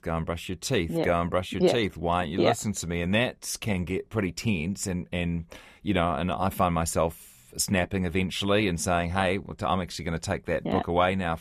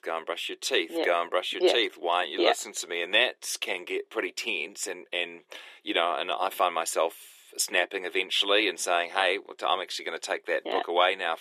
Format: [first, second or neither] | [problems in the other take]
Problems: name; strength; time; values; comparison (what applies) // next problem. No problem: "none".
first | thin; very; fading below 350 Hz